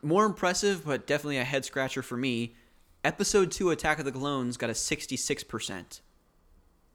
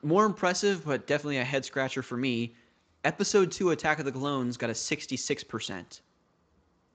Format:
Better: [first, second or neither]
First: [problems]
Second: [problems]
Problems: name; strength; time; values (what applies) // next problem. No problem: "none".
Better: first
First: none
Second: garbled, watery; slightly; nothing above 7.5 kHz